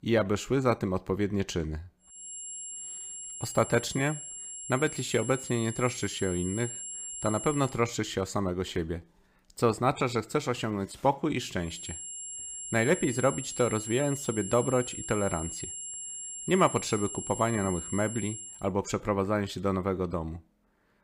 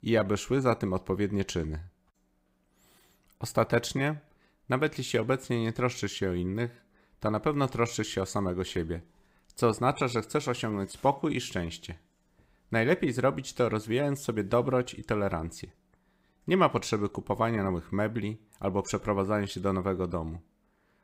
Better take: second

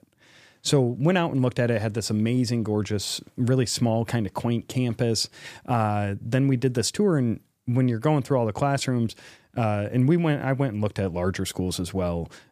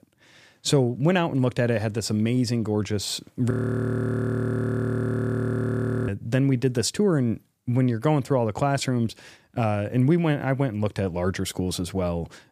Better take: first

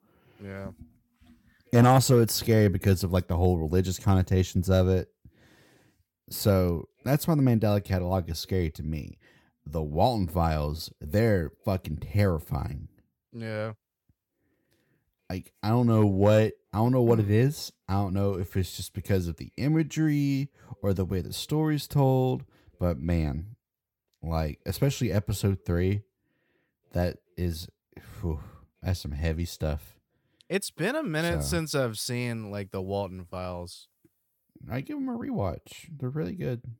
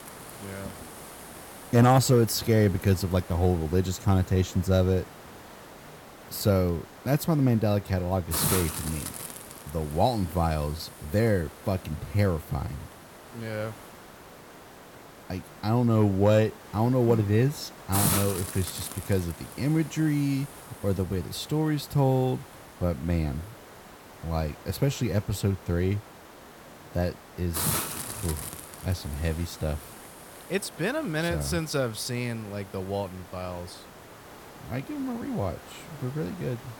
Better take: first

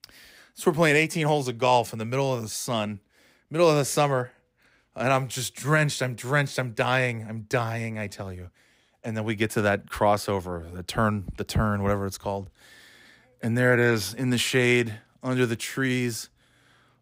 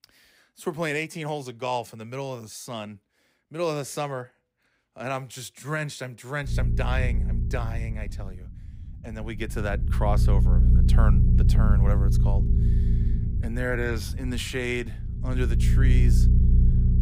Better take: first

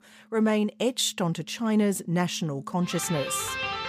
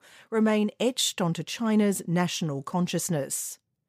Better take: second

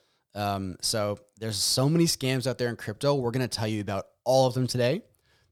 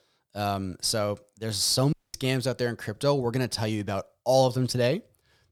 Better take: first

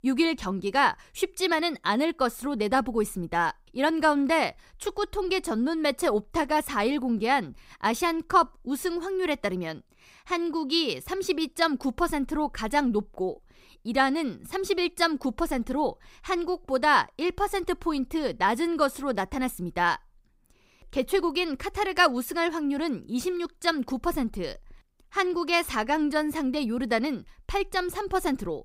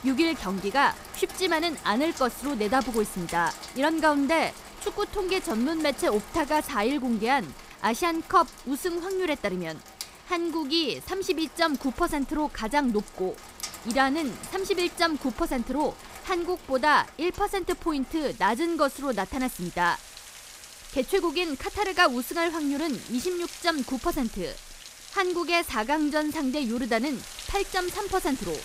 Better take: first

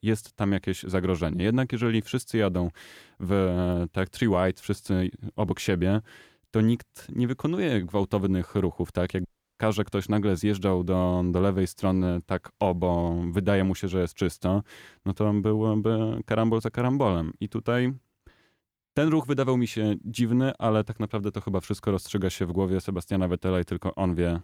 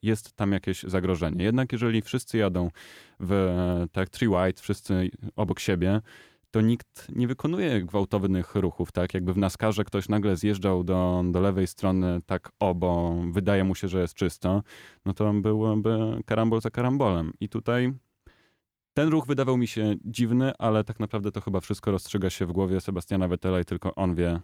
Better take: second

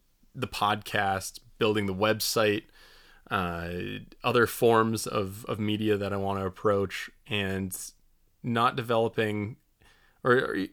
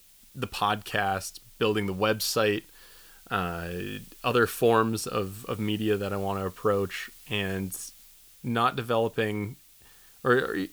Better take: first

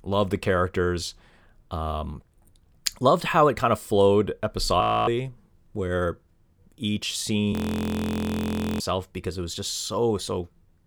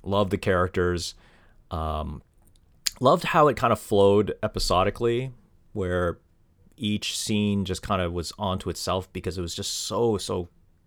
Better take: second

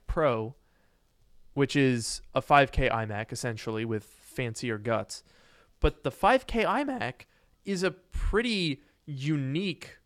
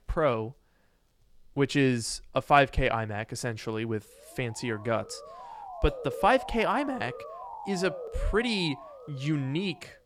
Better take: first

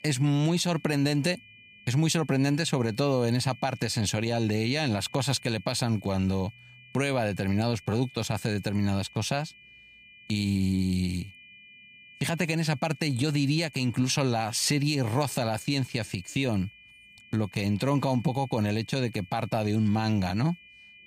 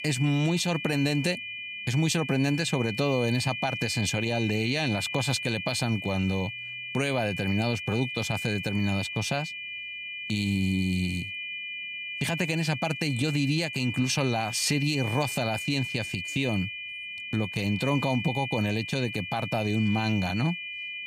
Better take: first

